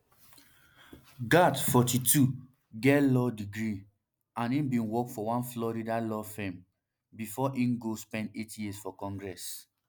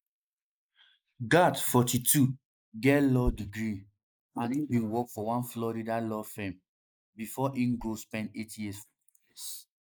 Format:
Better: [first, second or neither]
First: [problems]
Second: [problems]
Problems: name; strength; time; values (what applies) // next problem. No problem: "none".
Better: first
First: none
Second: noise reduction (neural mask model Resemble Enhance denoiser)